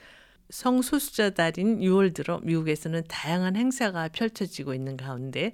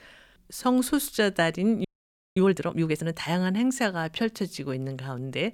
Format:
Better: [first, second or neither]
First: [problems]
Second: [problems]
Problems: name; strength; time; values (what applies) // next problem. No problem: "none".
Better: first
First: none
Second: audio freezing; at 2 s for 0.5 s